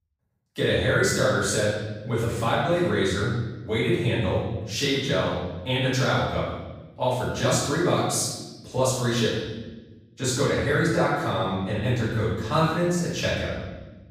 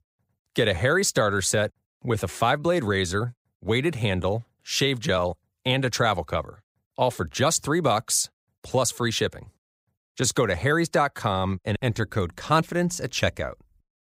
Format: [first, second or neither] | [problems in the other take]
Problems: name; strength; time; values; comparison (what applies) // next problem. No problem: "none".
second | off-mic speech; far // room echo; strong; dies away in 1.1 s